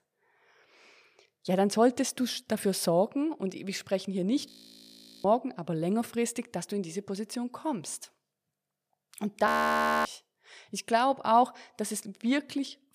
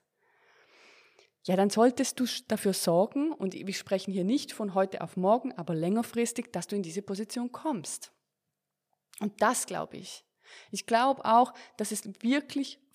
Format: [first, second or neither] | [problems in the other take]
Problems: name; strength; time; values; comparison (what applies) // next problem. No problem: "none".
second | audio freezing; at 4.5 s for 1 s and at 9.5 s for 0.5 s